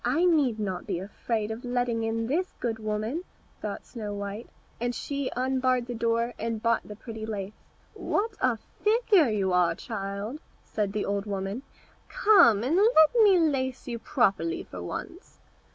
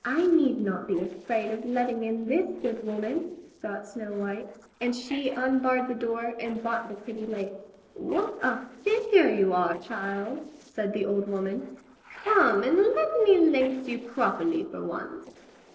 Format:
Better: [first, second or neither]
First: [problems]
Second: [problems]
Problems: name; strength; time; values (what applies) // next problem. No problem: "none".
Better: first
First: none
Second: noise reduction (neural separator model SepFormer DNS4)